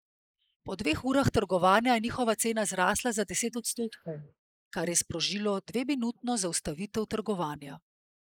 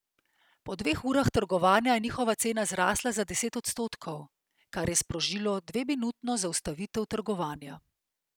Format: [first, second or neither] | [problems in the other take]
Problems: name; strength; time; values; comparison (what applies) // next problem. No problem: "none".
second | noise reduction (neural mask model Resemble Enhance denoiser)